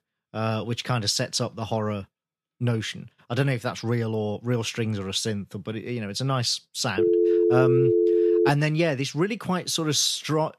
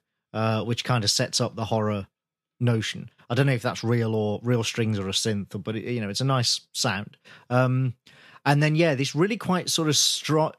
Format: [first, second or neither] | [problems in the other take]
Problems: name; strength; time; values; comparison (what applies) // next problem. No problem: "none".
second | phone ringing; loud; from 7 to 8.5 s; peak 6 dB above the speech